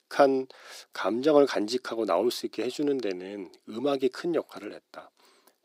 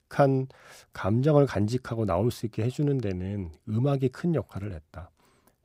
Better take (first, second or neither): second